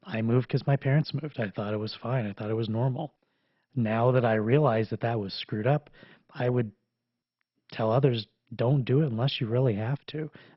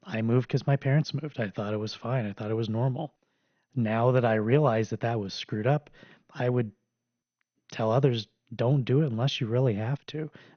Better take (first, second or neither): second